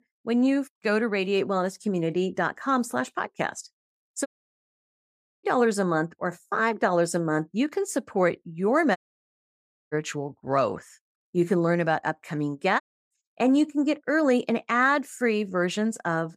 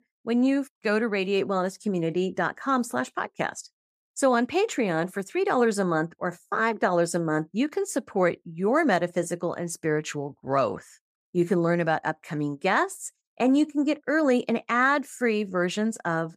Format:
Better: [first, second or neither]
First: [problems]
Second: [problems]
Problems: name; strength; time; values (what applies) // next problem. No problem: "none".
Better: second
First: audio cutting out; at 4.5 s for 1 s, at 9 s for 1 s and at 13 s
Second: none